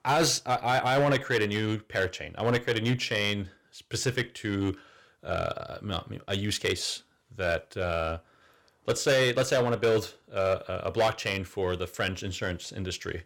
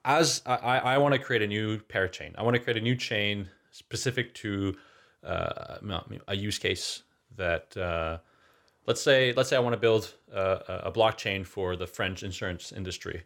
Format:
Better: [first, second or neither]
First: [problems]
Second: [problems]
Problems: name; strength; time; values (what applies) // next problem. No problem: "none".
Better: second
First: distortion; slight; 4% of the sound clipped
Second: none